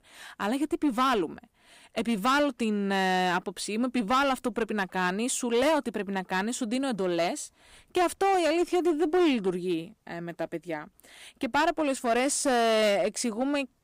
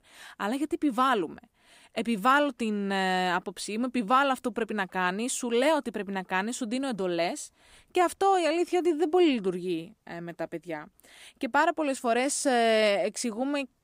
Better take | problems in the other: second | distortion; slight; 7% of the sound clipped

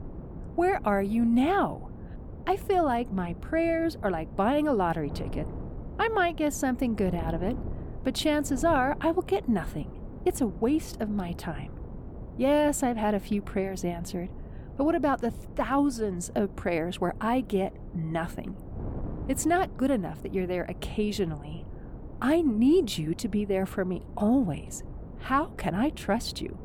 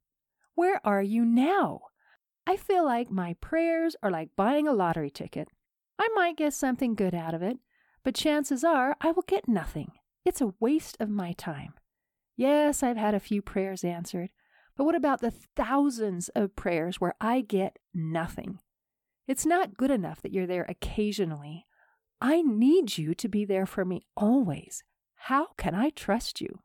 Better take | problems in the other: second | wind noise on the microphone; occasional gusts; 20 dB below the speech

